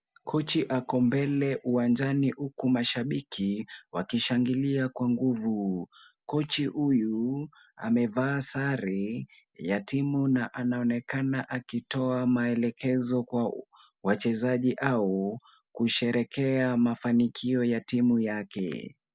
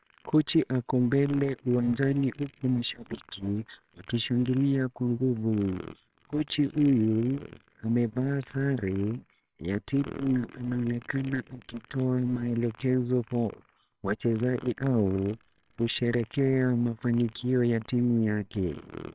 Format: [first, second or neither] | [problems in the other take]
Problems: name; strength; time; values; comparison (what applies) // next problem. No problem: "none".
first | noise reduction (neural separator model SepFormer WHAMR!)